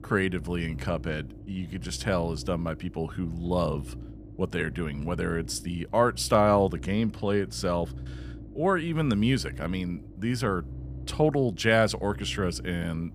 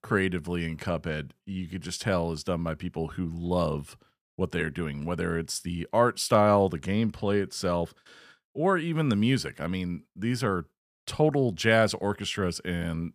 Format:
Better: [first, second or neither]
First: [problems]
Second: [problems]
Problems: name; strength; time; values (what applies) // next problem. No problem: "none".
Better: second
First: low rumble; faint; throughout; 20 dB below the speech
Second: none